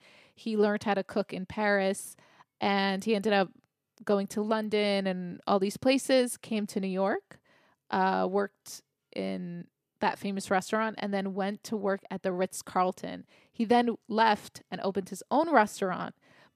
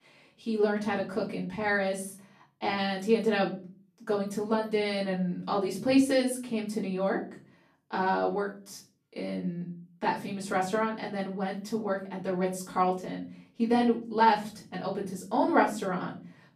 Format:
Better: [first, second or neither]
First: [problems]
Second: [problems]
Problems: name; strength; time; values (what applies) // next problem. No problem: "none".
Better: first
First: none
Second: off-mic speech; far // room echo; slight; dies away in 0.4 s